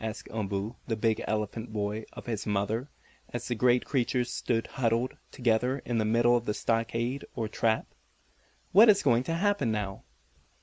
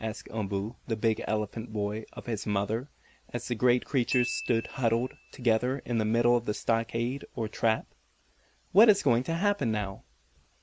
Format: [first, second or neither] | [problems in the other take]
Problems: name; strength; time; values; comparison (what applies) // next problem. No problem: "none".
first | background sound (Glockenspiel); 14 dB below the speech